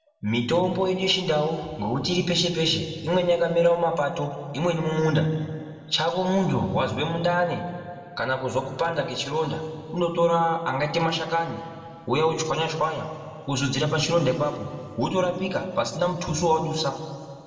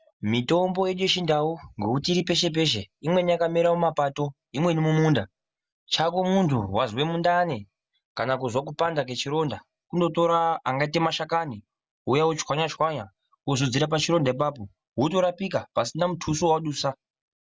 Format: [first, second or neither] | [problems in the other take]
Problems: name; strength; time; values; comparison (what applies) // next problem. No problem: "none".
second | room echo; dies away in 1.9 s